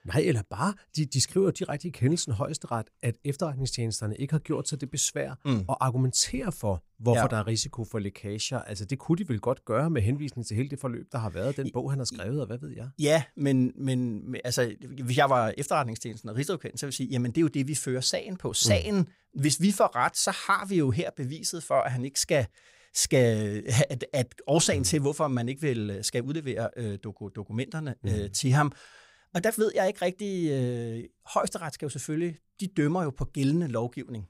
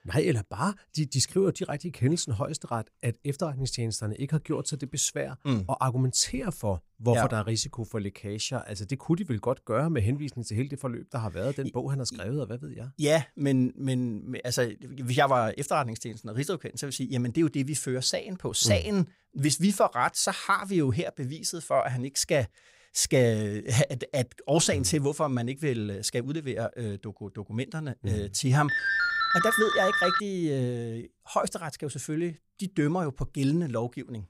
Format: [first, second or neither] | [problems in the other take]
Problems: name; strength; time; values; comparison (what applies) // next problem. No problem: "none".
first | phone ringing; loud; from 29 to 30 s; peak 5 dB above the speech